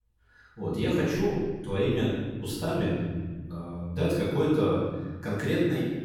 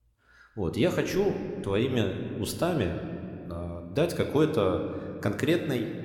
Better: second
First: room echo; strong; dies away in 1.6 s // off-mic speech; far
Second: room echo; slight; dies away in 2 s

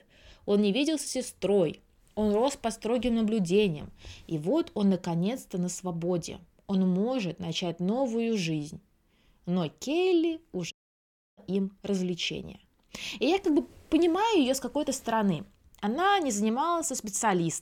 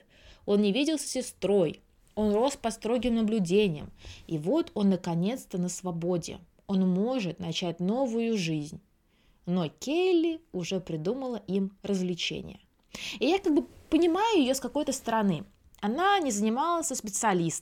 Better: second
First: audio cutting out; at 11 s for 0.5 s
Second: none

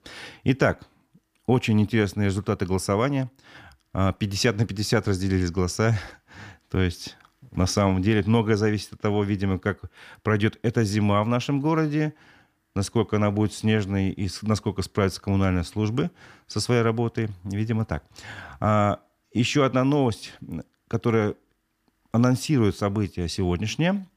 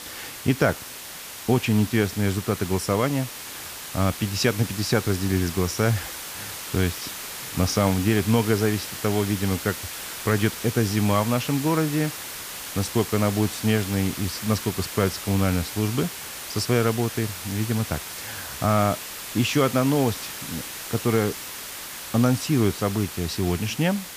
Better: first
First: none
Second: hiss; loud; throughout; 8 dB below the speech

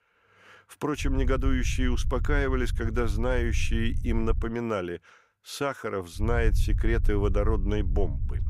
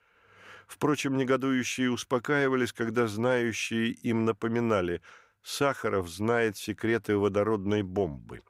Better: second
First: low rumble; noticeable; from 1 to 4.5 s and from 6 s on; 15 dB below the speech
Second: none

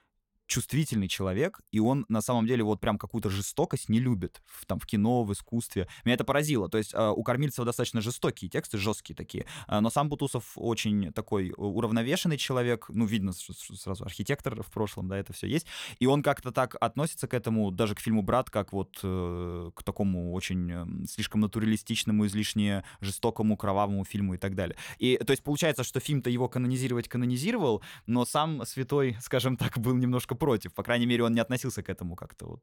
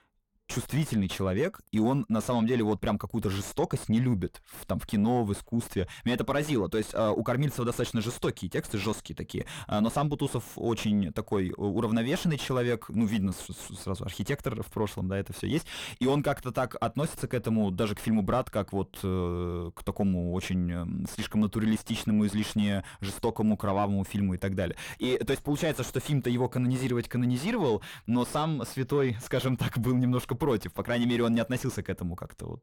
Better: first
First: none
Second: distortion; slight; 8 dB below the speech

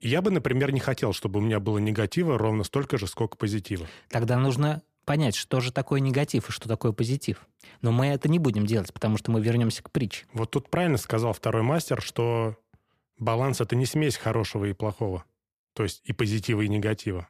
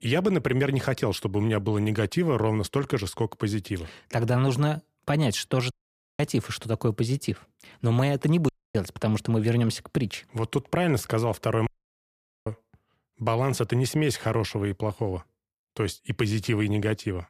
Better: first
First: none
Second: audio cutting out; at 5.5 s, at 8.5 s and at 12 s for 1 s

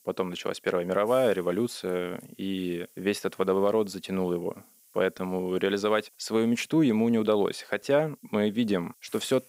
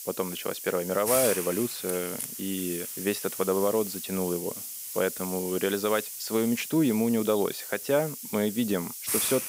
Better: first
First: hiss; faint; throughout; 25 dB below the speech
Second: hiss; loud; throughout; 5 dB below the speech

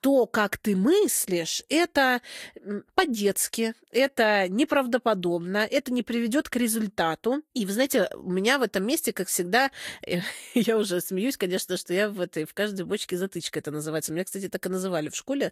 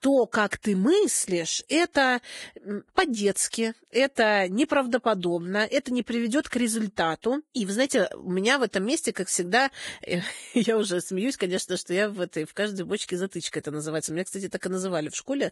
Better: first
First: garbled, watery; slightly; nothing above 13.5 kHz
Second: garbled, watery; badly; nothing above 11 kHz

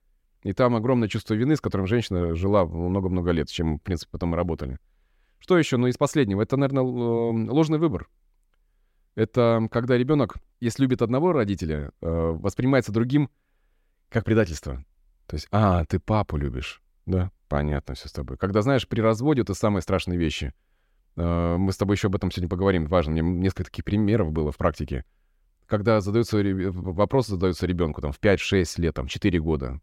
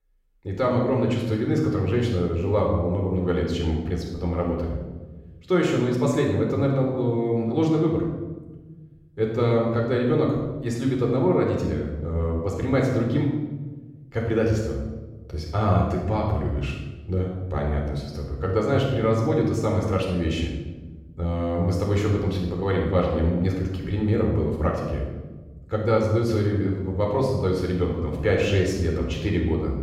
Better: first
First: none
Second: off-mic speech; somewhat distant // room echo; noticeable; dies away in 1.1 s

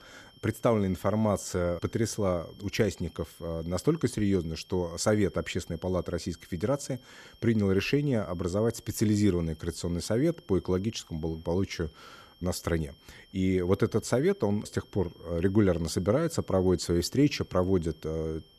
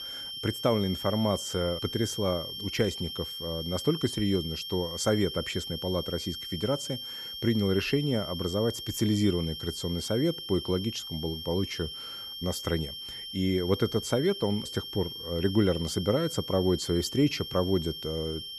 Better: first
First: high-pitched whine; faint; throughout; 3 kHz, 30 dB below the speech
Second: high-pitched whine; loud; throughout; 3 kHz, 7 dB below the speech

